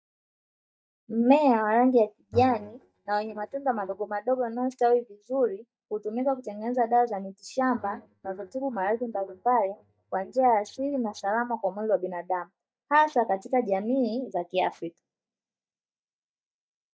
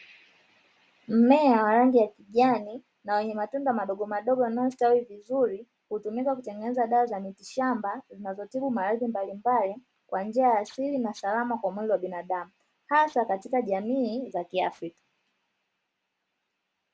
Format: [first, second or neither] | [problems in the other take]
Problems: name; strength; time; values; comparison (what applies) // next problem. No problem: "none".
second | noise reduction (neural mask model DeepFilterNet 3)